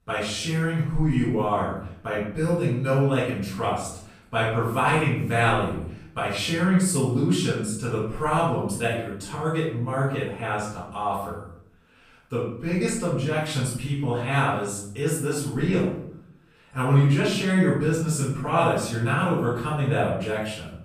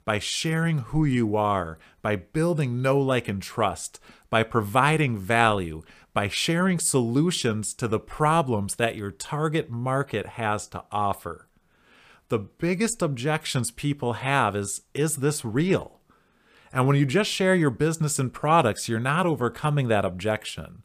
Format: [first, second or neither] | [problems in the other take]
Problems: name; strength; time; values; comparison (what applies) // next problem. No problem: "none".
second | off-mic speech; far // room echo; noticeable; dies away in 0.6 s